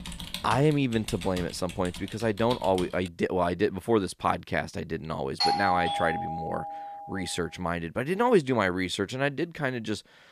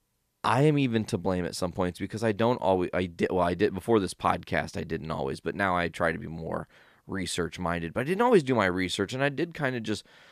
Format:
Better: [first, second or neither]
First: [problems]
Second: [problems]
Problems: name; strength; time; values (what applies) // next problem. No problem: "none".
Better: second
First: keyboard typing; noticeable; until 3 s; peak 8 dB below the speech // doorbell; loud; from 5.5 to 7 s; peak 3 dB above the speech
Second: none